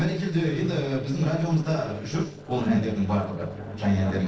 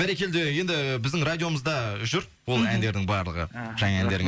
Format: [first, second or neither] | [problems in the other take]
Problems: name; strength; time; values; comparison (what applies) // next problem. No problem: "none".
second | noise reduction (neural separator model SepFormer DNS4)